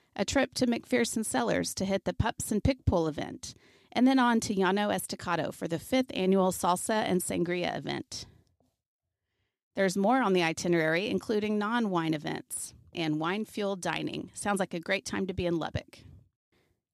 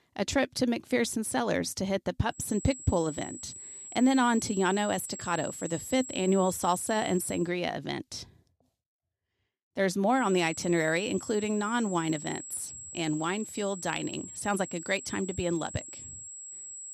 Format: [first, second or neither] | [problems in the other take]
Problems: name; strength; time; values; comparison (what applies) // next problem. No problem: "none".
first | high-pitched whine; noticeable; from 2.5 to 7.5 s and from 10 s on; 7.5 kHz, 10 dB below the speech